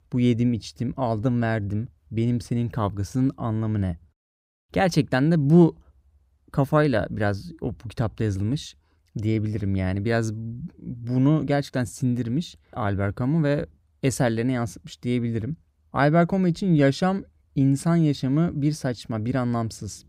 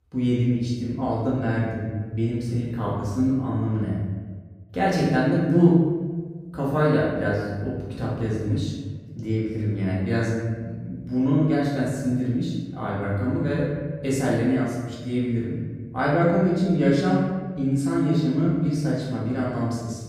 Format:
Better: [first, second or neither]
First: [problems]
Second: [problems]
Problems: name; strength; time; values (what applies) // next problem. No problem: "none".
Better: first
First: none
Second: off-mic speech; far // room echo; noticeable; dies away in 1.2 s